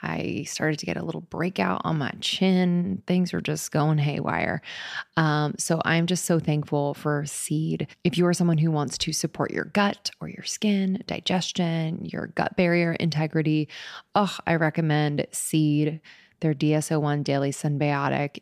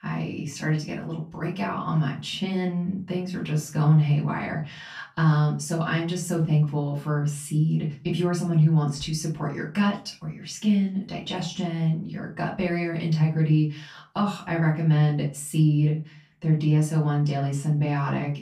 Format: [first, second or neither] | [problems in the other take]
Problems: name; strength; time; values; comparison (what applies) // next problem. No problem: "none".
first | off-mic speech; far // room echo; slight; dies away in 0.3 s